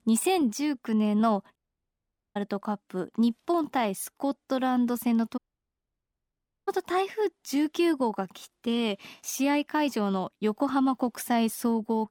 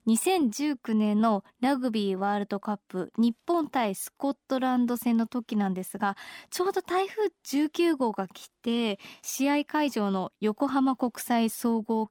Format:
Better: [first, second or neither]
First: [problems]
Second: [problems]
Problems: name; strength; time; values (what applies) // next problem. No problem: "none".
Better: second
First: audio cutting out; at 1.5 s for 1 s and at 5.5 s for 1.5 s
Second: none